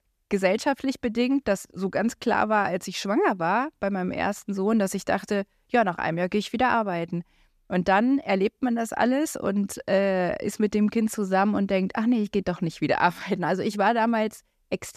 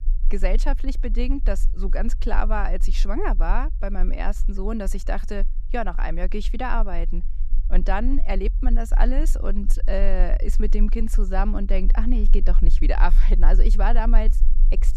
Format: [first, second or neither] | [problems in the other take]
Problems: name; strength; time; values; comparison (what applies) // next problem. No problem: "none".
first | low rumble; faint; throughout; 20 dB below the speech